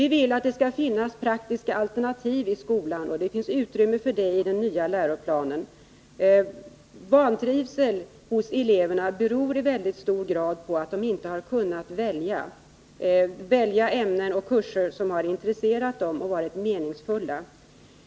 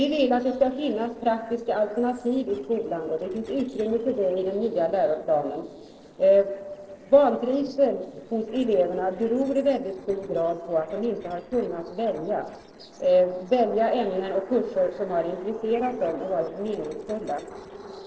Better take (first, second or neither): first